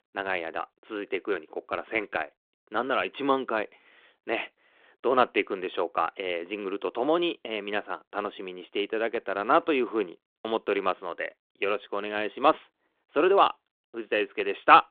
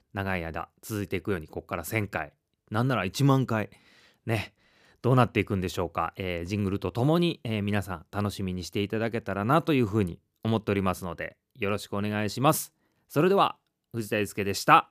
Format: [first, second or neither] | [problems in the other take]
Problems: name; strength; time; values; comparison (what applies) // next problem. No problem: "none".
second | phone-call audio